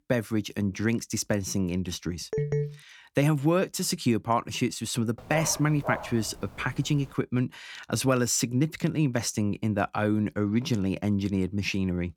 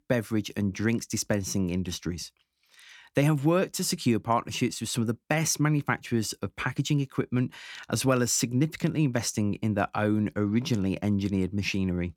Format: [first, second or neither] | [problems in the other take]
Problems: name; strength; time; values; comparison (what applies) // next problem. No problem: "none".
second | phone ringing; noticeable; at 2.5 s; peak 1 dB below the speech // dog barking; noticeable; from 5 to 7 s; peak 7 dB below the speech